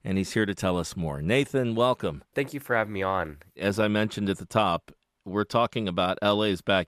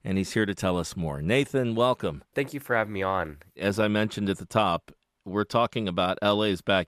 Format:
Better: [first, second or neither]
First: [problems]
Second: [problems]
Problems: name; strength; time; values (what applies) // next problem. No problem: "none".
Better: neither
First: none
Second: none